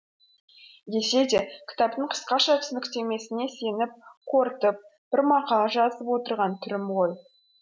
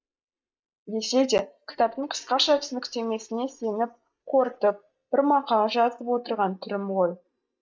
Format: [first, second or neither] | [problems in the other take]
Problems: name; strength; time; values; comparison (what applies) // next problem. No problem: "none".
first | noise reduction (neural mask model DeepFilterNet 3)